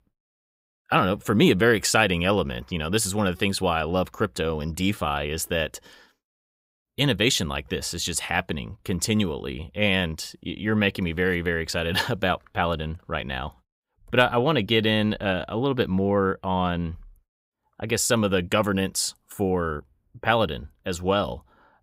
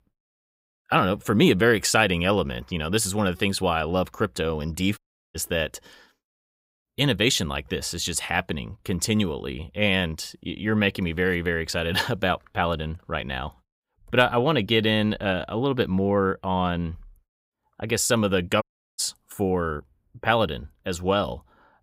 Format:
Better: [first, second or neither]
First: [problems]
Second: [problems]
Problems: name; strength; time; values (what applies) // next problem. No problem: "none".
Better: first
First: none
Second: audio cutting out; at 5 s and at 19 s